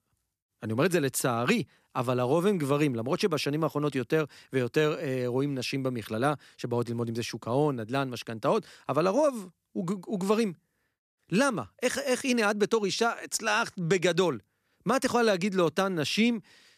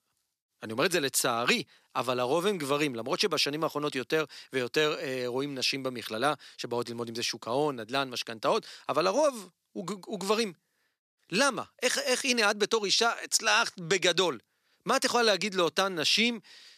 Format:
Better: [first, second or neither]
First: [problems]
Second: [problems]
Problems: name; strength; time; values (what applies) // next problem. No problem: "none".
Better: first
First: none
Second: thin; very slightly; fading below 500 Hz